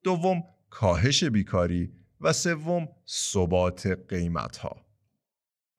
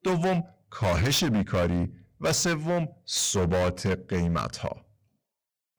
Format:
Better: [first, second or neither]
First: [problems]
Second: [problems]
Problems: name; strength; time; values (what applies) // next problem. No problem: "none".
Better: first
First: none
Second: distortion; heavy; 18% of the sound clipped